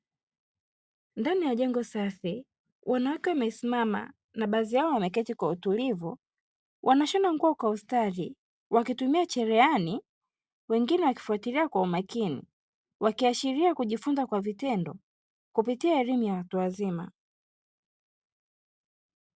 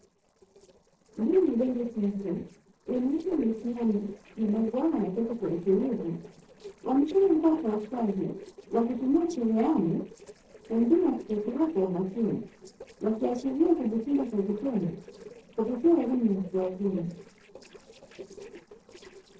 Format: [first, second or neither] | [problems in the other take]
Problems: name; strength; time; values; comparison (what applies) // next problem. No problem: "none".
first | noise reduction (neural separator model SepFormer DNS4)